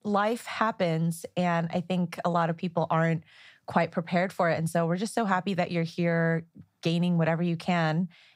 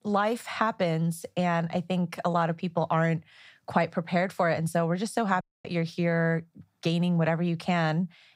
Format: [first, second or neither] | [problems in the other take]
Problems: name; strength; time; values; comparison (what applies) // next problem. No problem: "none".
first | audio cutting out; at 5.5 s